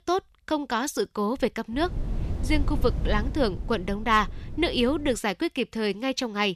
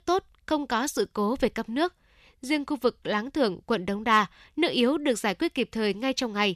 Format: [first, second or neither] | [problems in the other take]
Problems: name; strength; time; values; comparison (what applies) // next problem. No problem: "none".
second | wind noise on the microphone; occasional gusts; from 1.5 to 5 s; 20 dB below the speech